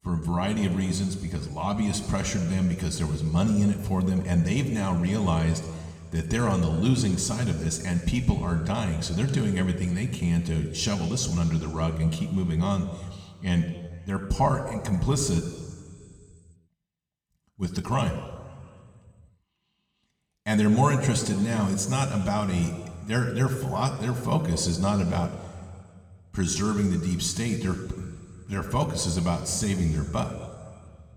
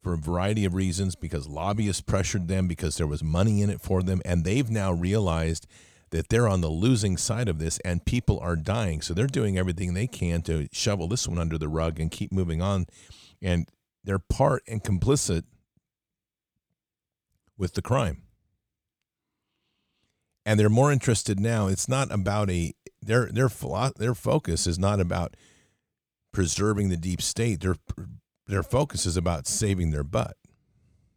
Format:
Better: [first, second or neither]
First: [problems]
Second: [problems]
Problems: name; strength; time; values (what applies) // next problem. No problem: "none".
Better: second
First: room echo; slight; dies away in 1.7 s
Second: none